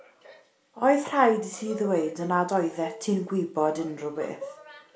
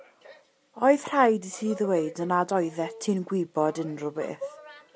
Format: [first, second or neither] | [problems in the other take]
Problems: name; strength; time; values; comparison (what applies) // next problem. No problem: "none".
second | room echo; dies away in 0.4 s